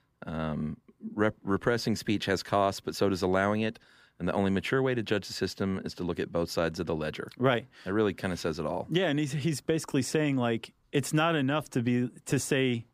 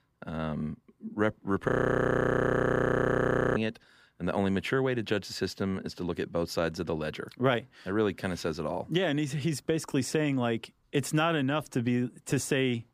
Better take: first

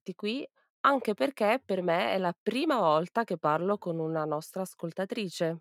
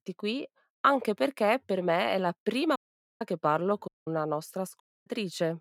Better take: first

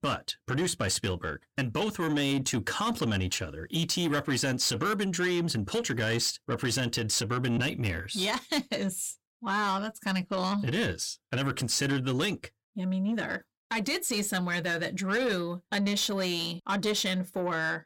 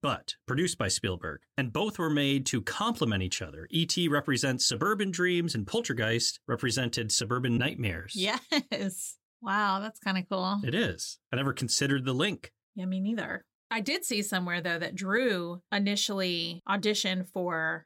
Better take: second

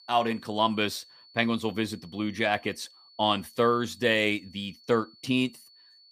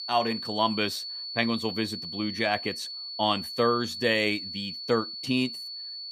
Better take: first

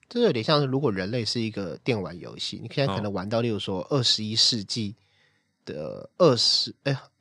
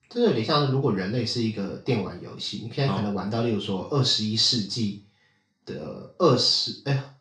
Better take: first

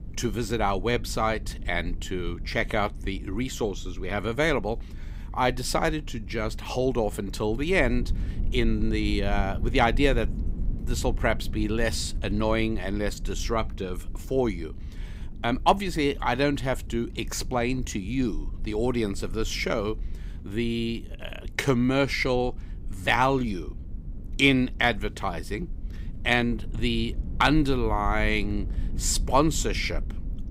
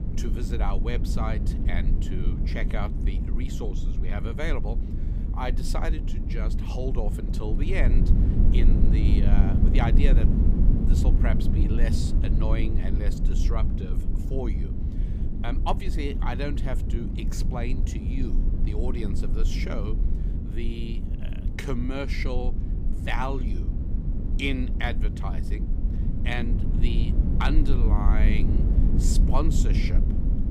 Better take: first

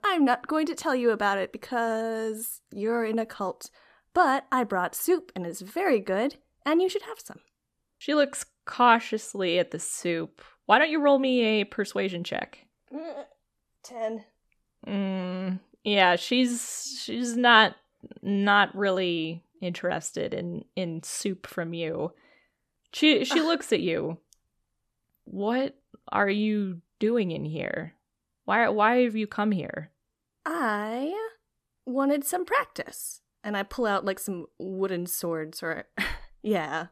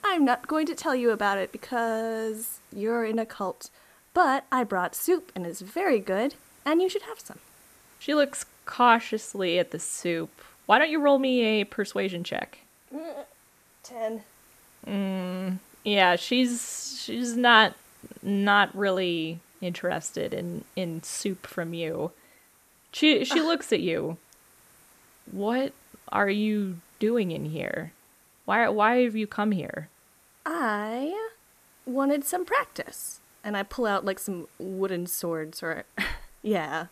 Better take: first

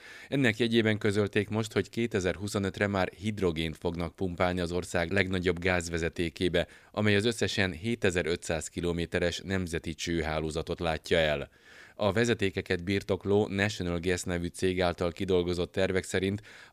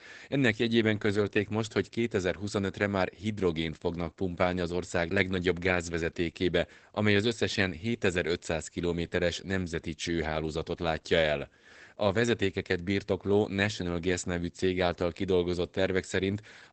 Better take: first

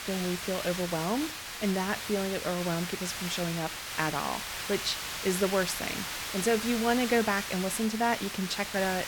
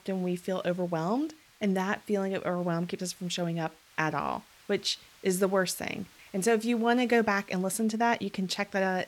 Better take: second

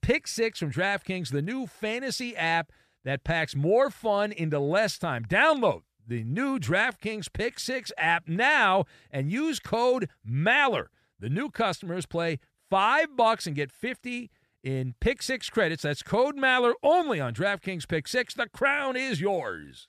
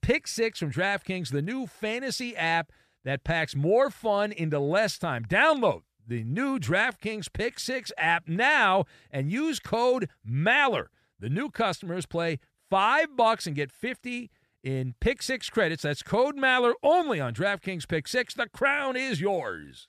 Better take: neither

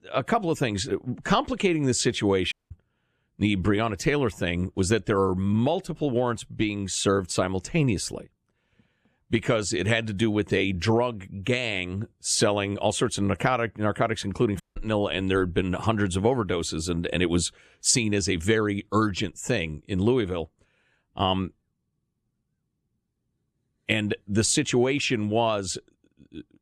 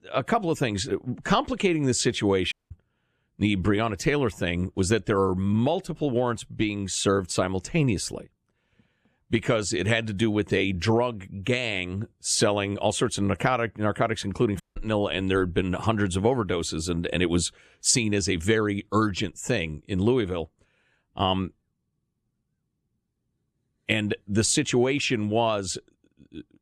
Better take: neither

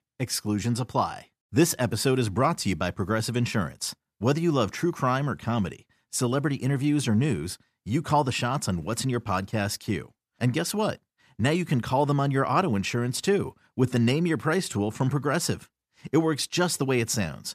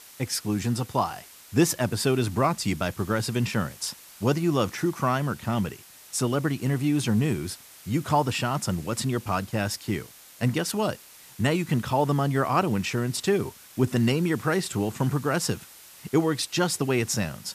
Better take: first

